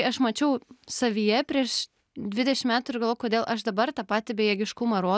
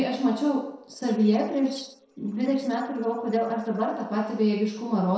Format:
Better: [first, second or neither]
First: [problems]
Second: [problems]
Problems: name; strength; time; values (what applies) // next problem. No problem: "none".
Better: first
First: none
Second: noise reduction (neural separator model SepFormer DNS4)